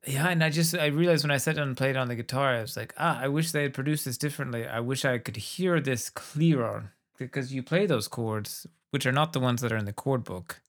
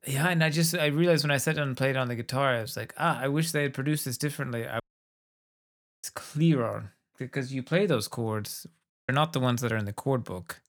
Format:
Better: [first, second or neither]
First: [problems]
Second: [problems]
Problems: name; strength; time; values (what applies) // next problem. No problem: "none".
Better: first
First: none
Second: audio cutting out; at 5 s for 1 s and at 9 s